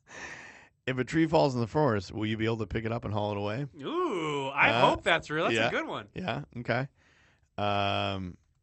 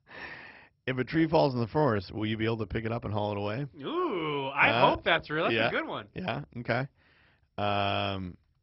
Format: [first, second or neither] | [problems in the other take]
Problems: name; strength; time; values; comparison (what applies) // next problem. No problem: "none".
first | garbled, watery; badly; nothing above 5.5 kHz; slightly in the first